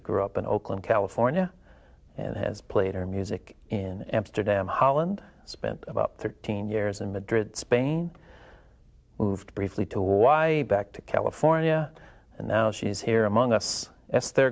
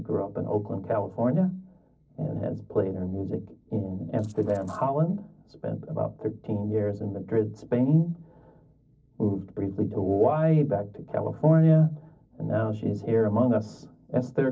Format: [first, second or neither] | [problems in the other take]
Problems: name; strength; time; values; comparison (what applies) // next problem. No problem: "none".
first | noise reduction (neural separator model SepFormer DNS4)